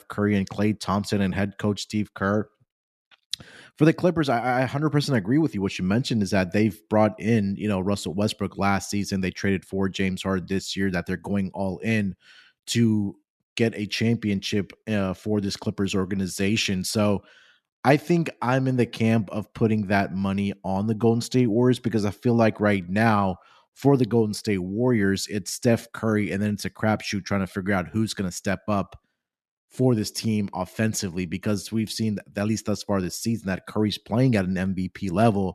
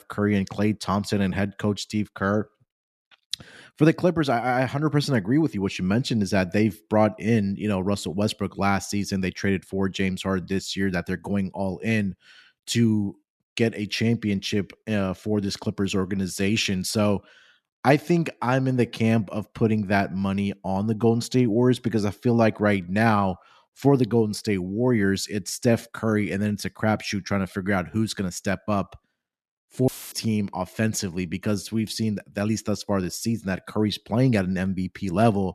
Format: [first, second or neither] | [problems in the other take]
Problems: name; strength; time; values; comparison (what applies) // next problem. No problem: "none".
first | audio cutting out; filled with static; at 30 s